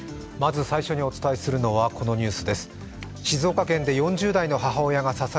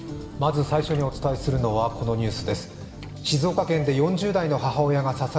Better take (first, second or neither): first